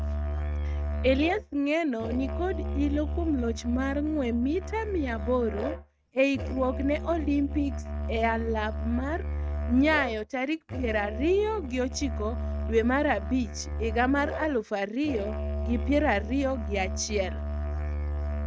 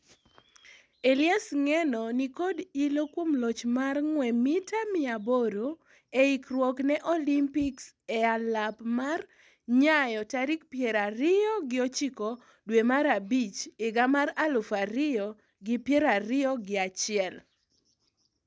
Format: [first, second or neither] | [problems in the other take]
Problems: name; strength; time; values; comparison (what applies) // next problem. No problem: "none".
second | noise reduction (neural mask model RNNoise)